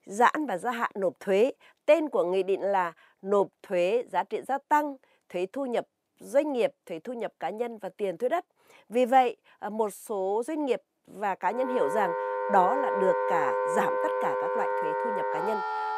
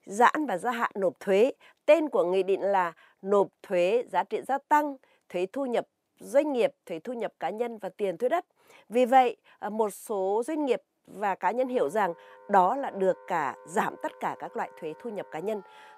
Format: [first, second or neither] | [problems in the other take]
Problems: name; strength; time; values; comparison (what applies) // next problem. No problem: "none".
second | background music; loud; from 12 s on; 1 dB below the speech; faint in the second